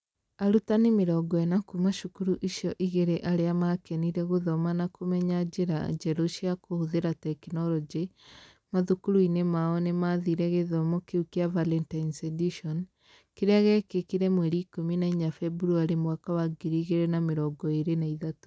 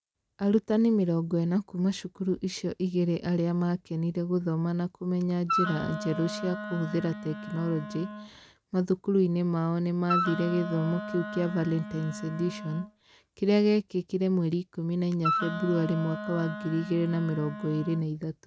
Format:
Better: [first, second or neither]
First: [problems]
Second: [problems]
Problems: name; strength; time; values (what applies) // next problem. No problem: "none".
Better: first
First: none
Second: background sound (Wind instrument, woodwind instrument); 7 dB below the speech